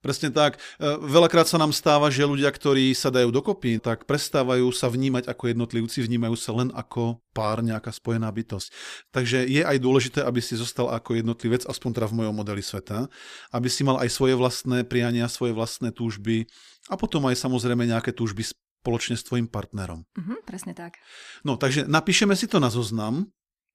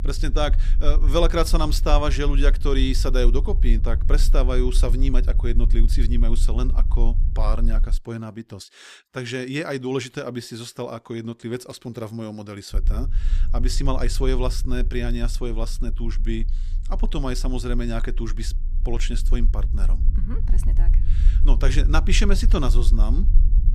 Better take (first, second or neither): first